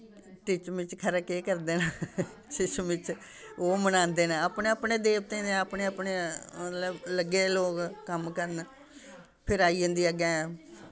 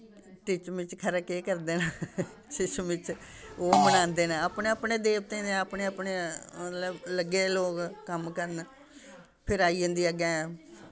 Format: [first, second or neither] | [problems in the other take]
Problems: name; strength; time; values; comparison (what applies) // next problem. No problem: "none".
first | background sound (Fart); 1 dB above the speech